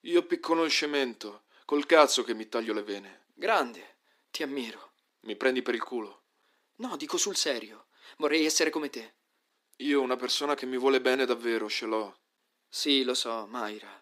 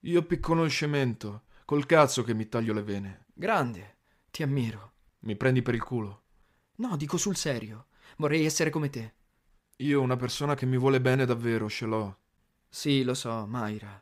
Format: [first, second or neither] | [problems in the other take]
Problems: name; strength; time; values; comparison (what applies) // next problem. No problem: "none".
second | thin; somewhat; fading below 250 Hz